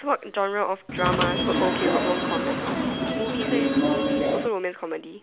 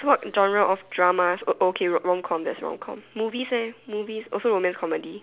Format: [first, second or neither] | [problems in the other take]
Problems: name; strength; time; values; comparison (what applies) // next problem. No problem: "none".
second | background sound (Subway, metro, underground / Sliding door); 4 dB above the speech